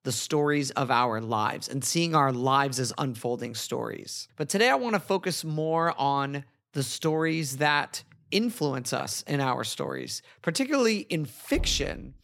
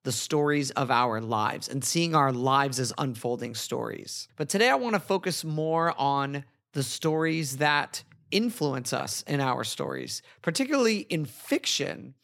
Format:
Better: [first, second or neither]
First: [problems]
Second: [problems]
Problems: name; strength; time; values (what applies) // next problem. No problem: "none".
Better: second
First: door banging; noticeable; at 12 s; peak 9 dB below the speech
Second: none